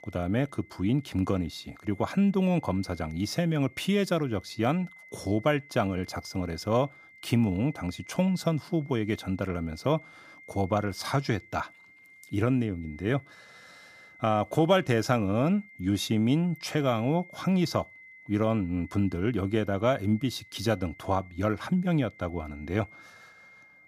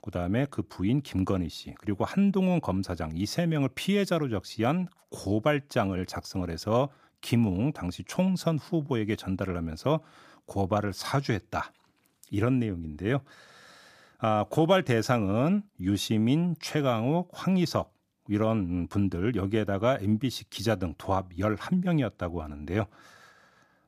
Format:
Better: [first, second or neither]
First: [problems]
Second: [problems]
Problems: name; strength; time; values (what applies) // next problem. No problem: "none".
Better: second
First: high-pitched whine; faint; throughout; 2 kHz, 20 dB below the speech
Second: none